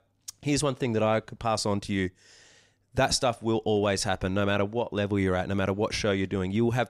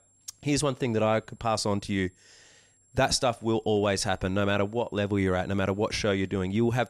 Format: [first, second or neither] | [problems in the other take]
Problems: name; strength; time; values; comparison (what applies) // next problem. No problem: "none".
first | high-pitched whine; faint; throughout; 7.5 kHz, 35 dB below the speech